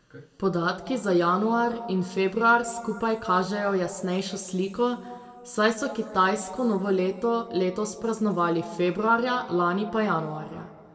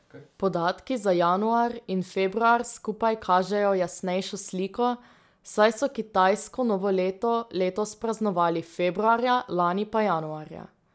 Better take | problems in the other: second | room echo; dies away in 1.3 s

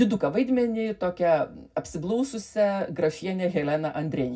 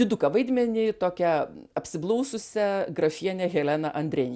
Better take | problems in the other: second | room echo; dies away in 0.4 s

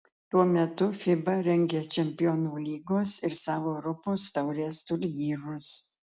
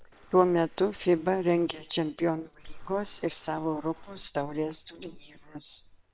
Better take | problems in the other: first | noise reduction (neural separator model SepFormer WHAM!)

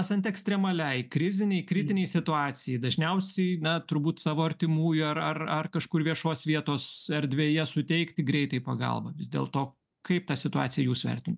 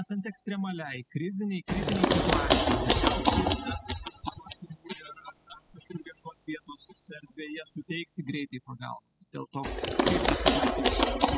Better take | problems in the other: first | noise reduction (classical method spectral subtraction)

